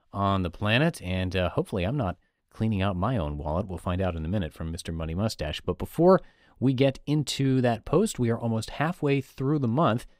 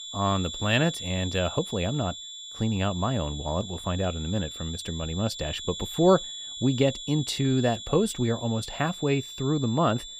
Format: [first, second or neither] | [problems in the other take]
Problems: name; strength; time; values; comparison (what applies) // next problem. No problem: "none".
first | high-pitched whine; loud; throughout; 3.5 kHz, 9 dB below the speech